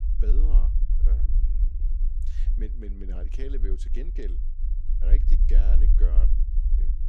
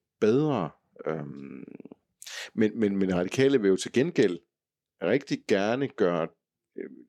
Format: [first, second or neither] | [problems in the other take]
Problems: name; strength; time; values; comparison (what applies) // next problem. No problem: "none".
second | low rumble; loud; throughout; 4 dB below the speech